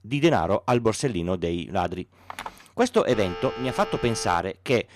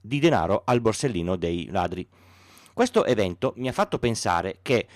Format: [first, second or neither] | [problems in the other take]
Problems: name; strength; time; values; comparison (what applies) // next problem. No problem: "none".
second | phone ringing; faint; at 2.5 s; peak 15 dB below the speech // phone ringing; noticeable; from 3 to 4.5 s; peak 10 dB below the speech